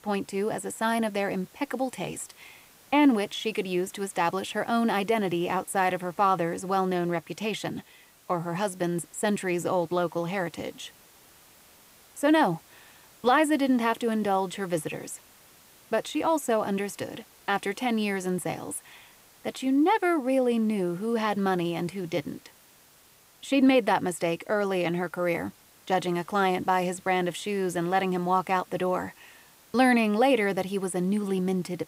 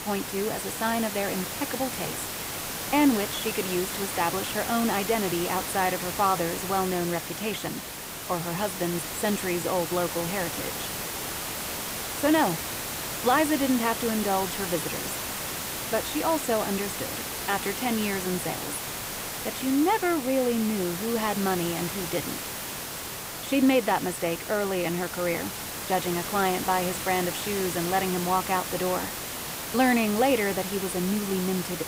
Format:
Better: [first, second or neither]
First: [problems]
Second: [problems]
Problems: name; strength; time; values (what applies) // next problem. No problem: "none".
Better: first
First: hiss; faint; throughout; 25 dB below the speech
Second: hiss; loud; throughout; 4 dB below the speech